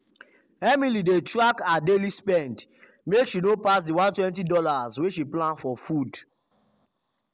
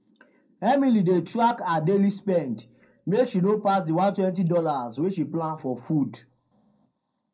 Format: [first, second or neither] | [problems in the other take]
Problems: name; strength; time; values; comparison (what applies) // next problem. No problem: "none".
first | room echo; dies away in 0.2 s